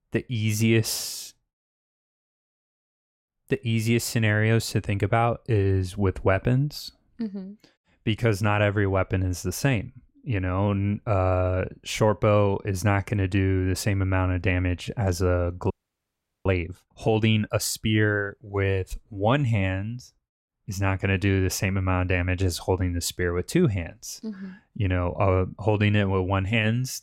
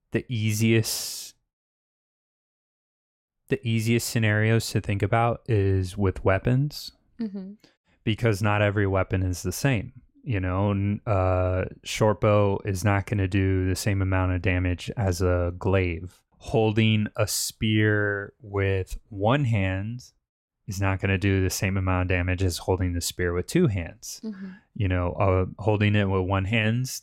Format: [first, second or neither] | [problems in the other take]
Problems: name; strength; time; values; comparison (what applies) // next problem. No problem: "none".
second | audio freezing; at 16 s for 1 s